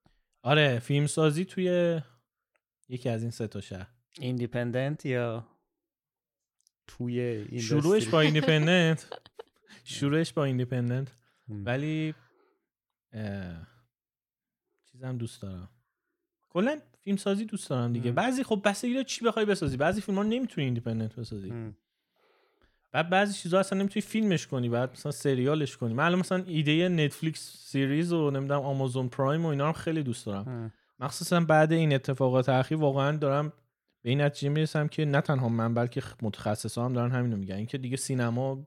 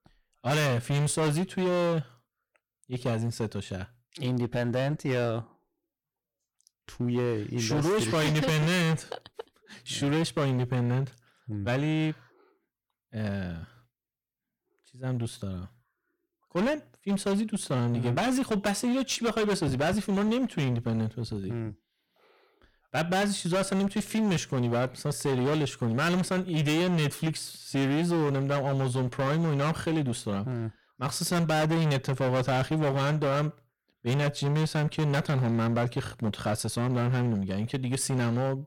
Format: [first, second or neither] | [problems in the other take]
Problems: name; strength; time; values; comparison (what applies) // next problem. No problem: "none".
first | distortion; heavy; 19% of the sound clipped